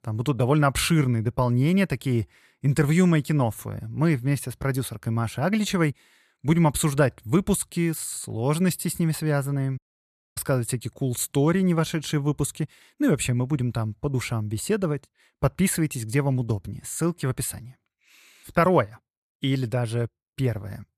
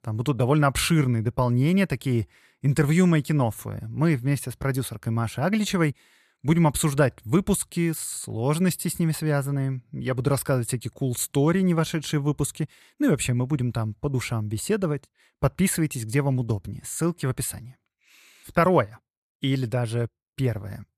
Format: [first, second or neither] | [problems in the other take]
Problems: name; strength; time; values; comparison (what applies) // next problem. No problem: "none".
second | audio cutting out; at 10 s for 0.5 s